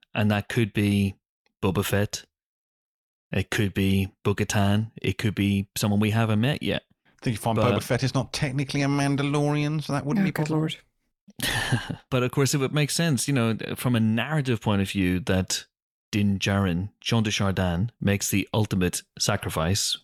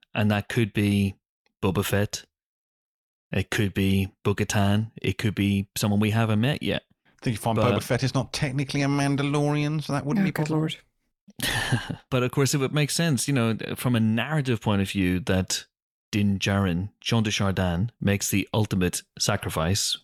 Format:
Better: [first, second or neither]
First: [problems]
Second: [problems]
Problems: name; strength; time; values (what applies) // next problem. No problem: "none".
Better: neither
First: none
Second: none